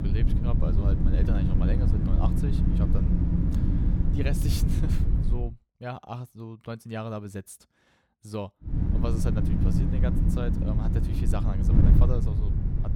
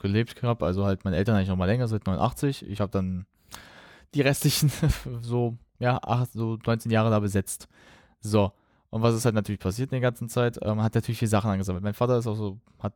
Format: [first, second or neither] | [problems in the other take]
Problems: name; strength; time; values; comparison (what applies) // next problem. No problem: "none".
second | wind noise on the microphone; heavy; until 5.5 s and from 8.5 s on; 2 dB above the speech